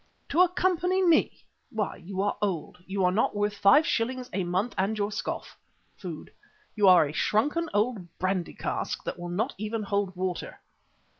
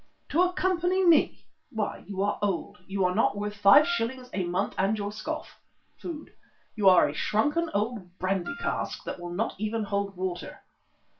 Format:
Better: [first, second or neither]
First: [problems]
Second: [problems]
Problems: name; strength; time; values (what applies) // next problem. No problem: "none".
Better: first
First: none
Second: background sound (Wind instrument, woodwind instrument); 10 dB below the speech // room echo; dies away in 0.2 s